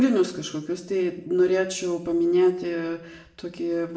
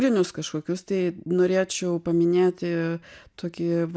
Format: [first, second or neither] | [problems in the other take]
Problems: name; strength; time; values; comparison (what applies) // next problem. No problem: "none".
second | room echo; dies away in 0.6 s